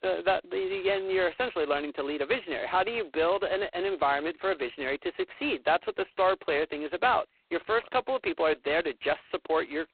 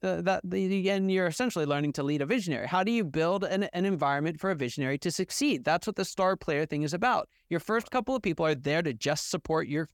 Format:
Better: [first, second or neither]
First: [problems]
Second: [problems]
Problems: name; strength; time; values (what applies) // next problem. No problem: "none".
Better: second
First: phone-call audio; poor line; nothing above 4 kHz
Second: none